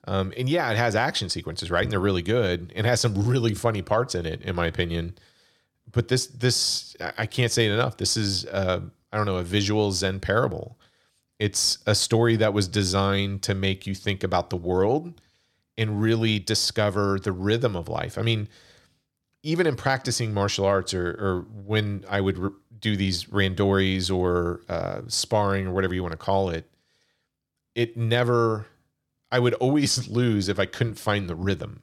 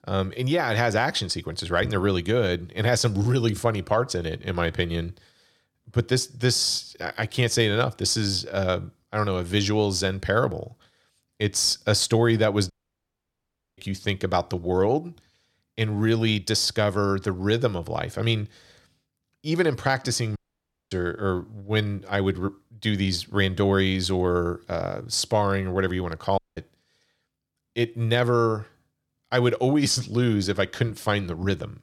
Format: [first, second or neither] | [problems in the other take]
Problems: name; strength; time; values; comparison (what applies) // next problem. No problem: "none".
first | audio cutting out; at 13 s for 1 s, at 20 s for 0.5 s and at 26 s